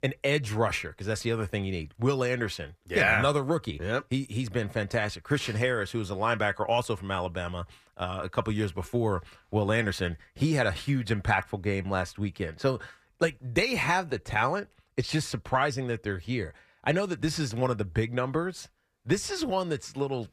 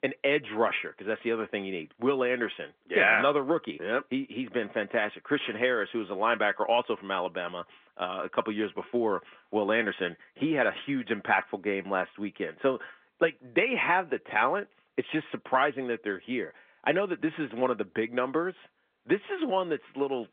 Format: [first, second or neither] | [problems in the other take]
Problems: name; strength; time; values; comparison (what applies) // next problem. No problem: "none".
first | phone-call audio; nothing above 3.5 kHz